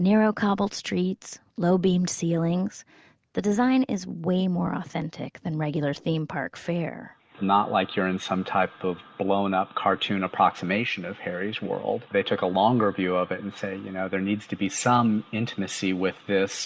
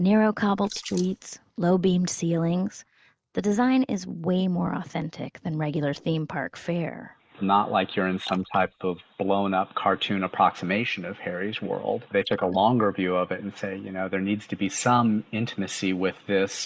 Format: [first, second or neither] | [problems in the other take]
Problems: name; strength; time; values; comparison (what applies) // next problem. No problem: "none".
first | noise reduction (neural mask model Resemble Enhance denoiser)